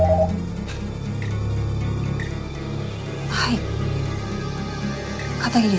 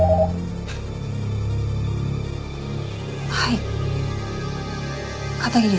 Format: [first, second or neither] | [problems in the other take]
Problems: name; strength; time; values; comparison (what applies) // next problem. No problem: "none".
second | background sound (Acoustic guitar); 12 dB below the speech